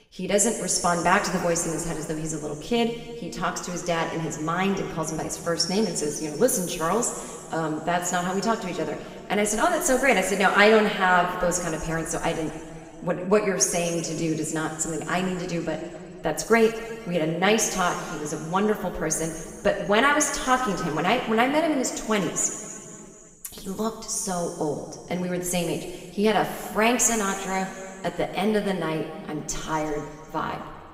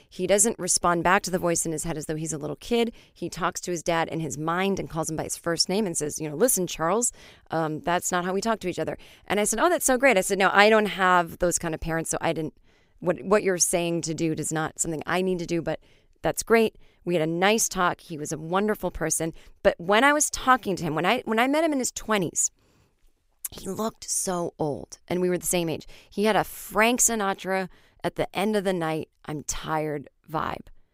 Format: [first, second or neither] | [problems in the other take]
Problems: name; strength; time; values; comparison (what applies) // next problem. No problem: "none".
second | room echo; noticeable; dies away in 2.2 s // off-mic speech; somewhat distant